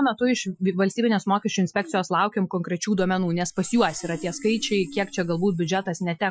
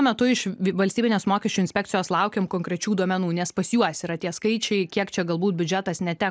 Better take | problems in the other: second | noise reduction (classical method Wiener filter)

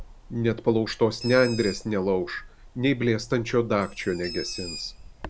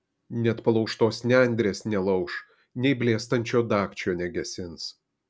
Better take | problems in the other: second | background sound (Bird); 15 dB below the speech

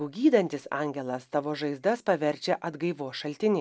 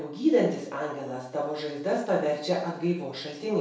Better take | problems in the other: first | room echo; dies away in 0.6 s

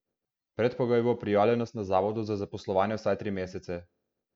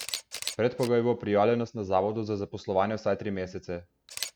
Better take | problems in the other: first | background sound (Camera); 14 dB below the speech

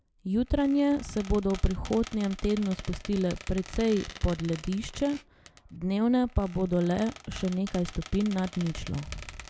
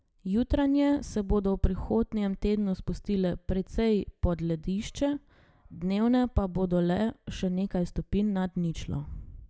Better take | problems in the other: second | background sound (Squeak); 18 dB below the speech

